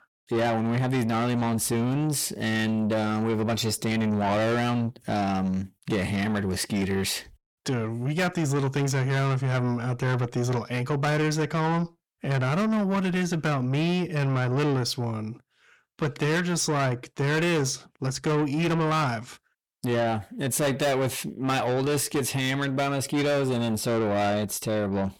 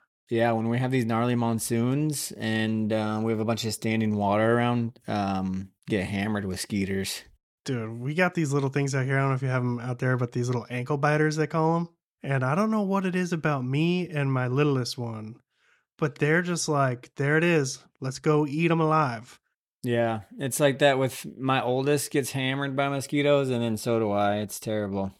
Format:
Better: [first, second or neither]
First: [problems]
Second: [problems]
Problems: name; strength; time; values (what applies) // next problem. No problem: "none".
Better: second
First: distortion; heavy; 8 dB below the speech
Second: none